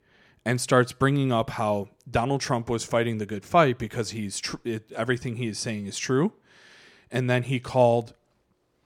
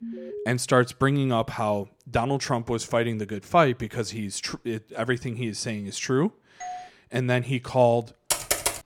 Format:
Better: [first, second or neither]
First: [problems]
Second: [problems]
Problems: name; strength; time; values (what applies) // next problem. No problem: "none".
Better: first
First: none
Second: alarm; faint; at the start; peak 10 dB below the speech // doorbell; faint; at 6.5 s; peak 10 dB below the speech // keyboard typing; loud; at 8.5 s; peak 1 dB above the speech